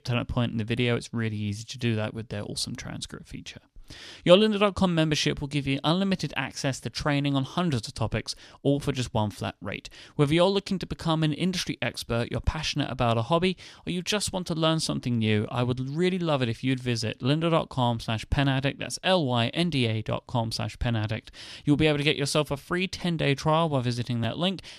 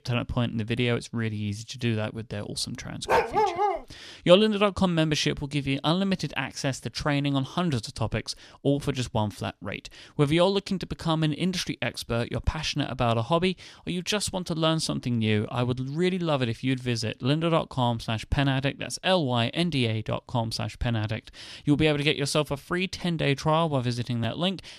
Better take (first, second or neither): first